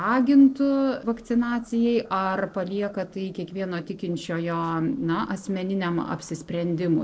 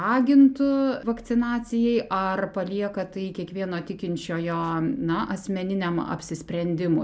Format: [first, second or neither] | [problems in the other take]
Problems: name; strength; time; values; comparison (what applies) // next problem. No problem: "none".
second | noise reduction (neural separator model SepFormer DNS4)